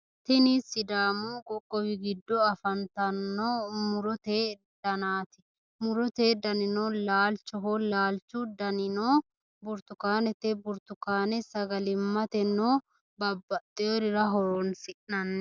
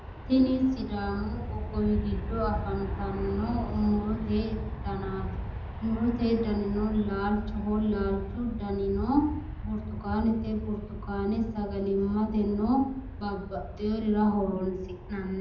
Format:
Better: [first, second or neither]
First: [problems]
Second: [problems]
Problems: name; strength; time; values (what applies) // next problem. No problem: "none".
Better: first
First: none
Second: background sound (Aircraft); 7 dB below the speech // room echo; dies away in 0.8 s